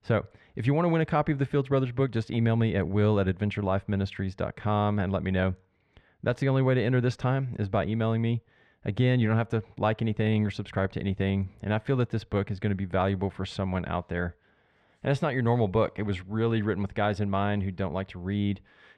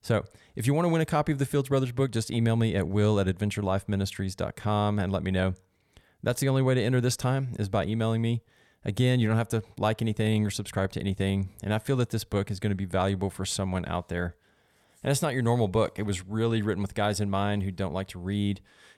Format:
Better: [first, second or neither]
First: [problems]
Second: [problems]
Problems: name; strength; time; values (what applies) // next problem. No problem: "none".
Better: second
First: muffled; slightly; fading above 2.5 kHz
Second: none